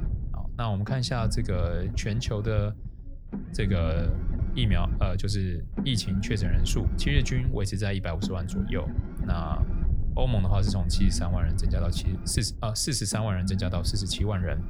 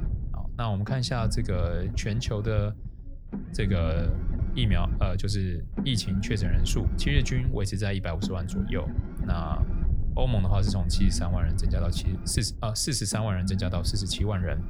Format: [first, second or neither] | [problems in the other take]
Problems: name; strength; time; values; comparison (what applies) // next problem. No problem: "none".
neither | low rumble; noticeable; throughout; 10 dB below the speech; the same in both